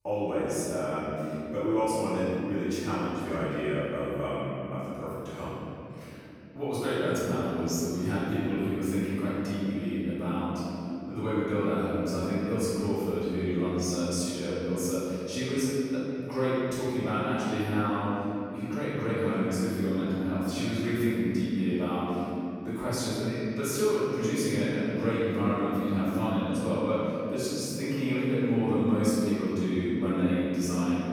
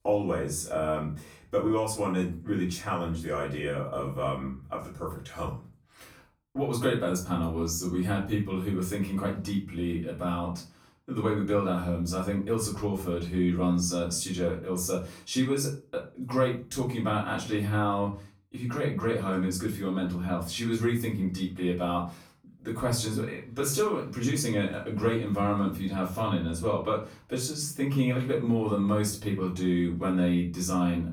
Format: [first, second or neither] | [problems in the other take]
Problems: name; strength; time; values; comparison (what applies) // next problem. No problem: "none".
second | room echo; strong; dies away in 3 s; slight in the second // off-mic speech; far; far in the second